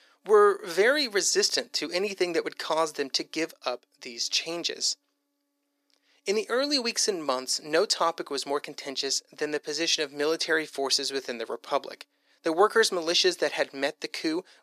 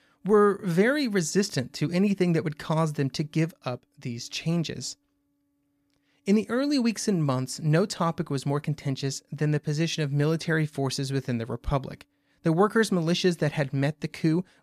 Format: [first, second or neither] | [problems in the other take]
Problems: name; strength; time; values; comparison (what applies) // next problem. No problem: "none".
second | thin; very; fading below 350 Hz